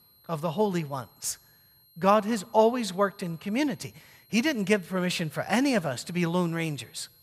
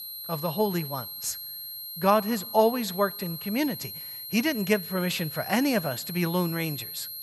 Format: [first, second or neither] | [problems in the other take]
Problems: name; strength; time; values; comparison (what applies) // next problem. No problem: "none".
first | high-pitched whine; loud; throughout; 11.5 kHz, 8 dB below the speech; faint in the first